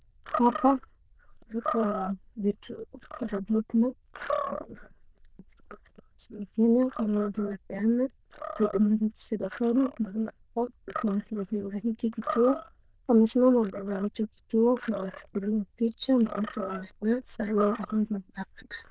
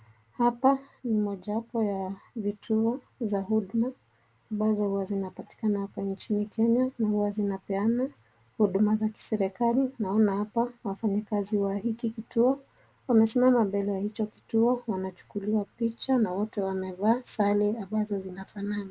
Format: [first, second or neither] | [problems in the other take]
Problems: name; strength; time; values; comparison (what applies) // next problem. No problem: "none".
second | noise reduction (neural diffusion model UNIVERSE++)